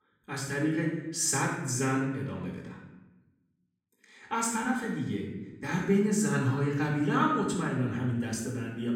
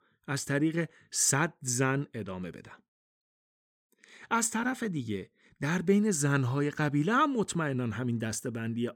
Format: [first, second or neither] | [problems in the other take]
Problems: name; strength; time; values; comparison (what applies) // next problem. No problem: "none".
second | off-mic speech; far // room echo; noticeable; dies away in 0.9 s